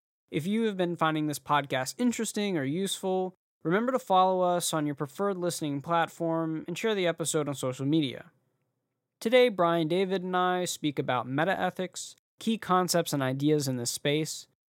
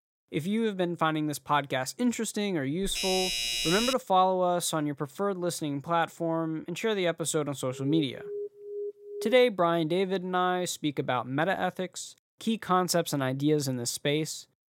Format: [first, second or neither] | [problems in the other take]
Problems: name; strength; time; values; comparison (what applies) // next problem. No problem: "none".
first | doorbell; loud; from 3 to 4 s; peak 1 dB above the speech // alarm; noticeable; from 7.5 to 9.5 s; peak 9 dB below the speech